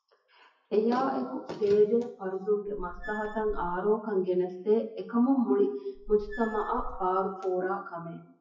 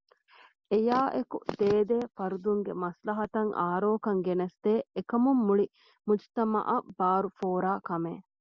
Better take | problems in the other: second | noise reduction (classical method WPE with log-MMSE)

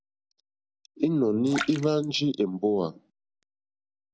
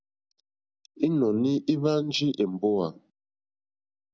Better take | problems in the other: second | background sound (Splash, splatter); 12 dB below the speech

